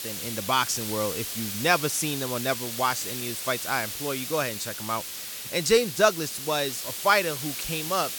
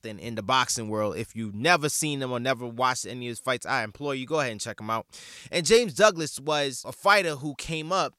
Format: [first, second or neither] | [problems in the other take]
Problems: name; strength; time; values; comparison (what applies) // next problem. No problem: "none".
second | hiss; loud; throughout; 5 dB below the speech